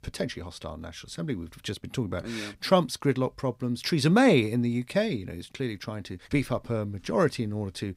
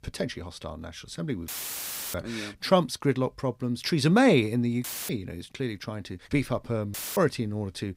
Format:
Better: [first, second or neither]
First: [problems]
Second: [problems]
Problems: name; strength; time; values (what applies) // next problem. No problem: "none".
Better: first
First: none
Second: audio cutting out; filled with static; at 1.5 s for 0.5 s, at 5 s and at 7 s